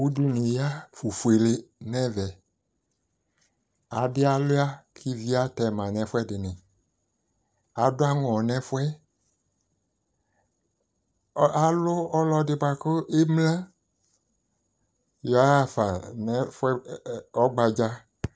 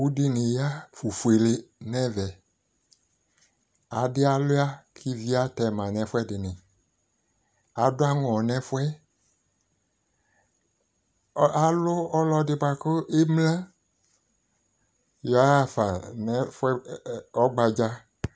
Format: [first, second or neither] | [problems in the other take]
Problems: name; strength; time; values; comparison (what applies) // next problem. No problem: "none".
second | noise reduction (neural separator model SepFormer DNS4)